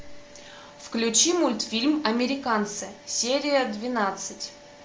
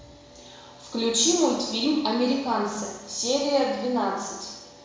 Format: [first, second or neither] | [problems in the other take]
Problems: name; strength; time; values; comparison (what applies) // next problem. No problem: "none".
first | room echo; dies away in 1 s